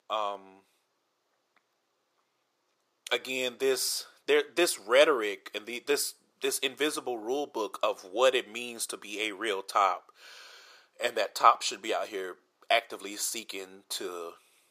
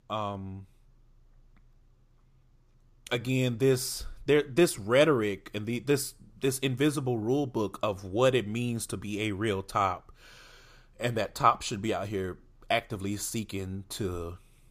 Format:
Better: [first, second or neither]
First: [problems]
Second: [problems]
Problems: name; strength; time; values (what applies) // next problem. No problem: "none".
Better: second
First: thin; very; fading below 450 Hz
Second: none